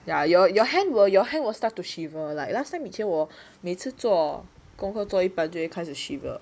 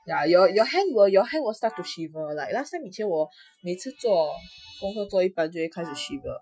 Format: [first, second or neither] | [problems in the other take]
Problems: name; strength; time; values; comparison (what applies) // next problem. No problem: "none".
first | noise reduction (classical method Wiener filter)